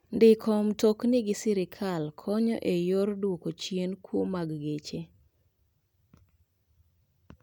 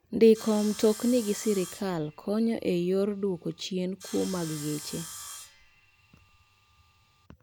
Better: first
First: none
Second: background sound (Sawing); 17 dB below the speech

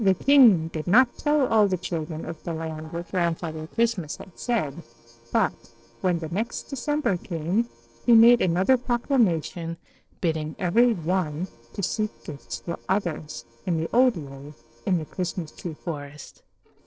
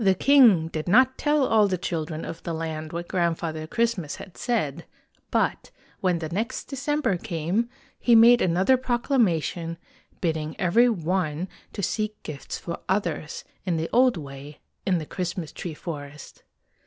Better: second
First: noise reduction (neural separator model SepFormer DNS4)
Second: none

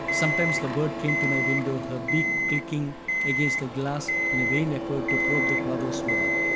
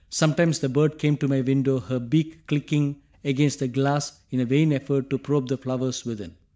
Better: second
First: background sound (Printer + Alarm); 3 dB above the speech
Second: none

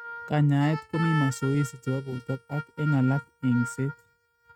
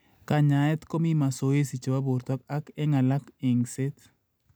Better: second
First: noise reduction (neural mask model RNNoise)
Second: none

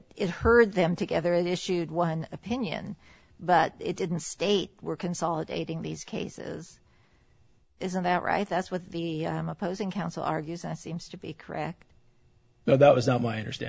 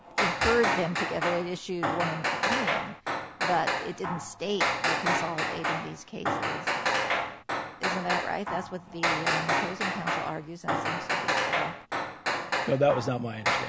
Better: first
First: none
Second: background sound (Hammer); 3 dB above the speech

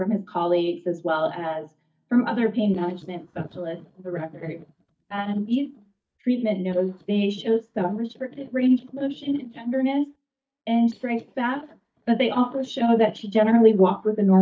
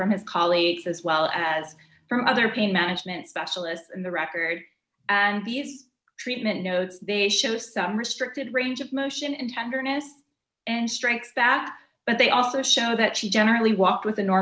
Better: second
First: noise reduction (neural mask model DeepFilterNet 3)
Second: none

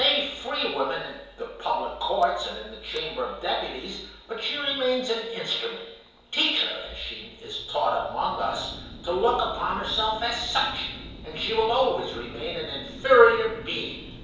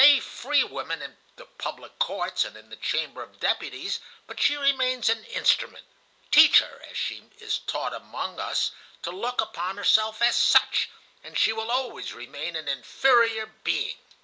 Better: second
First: background sound (Mechanical fan); 18 dB below the speech // room echo; dies away in 1 s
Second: none

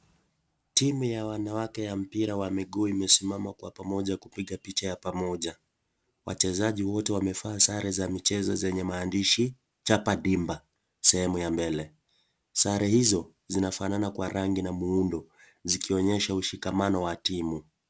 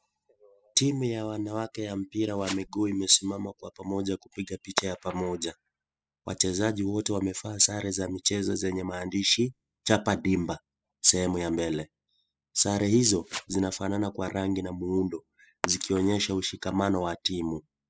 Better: first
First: none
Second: noise reduction (classical method spectral subtraction)

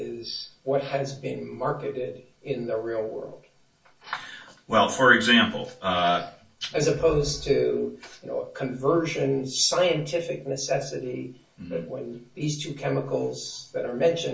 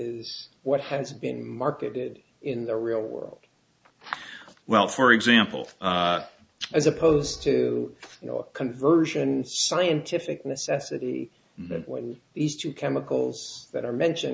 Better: second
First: room echo; dies away in 0.3 s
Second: none

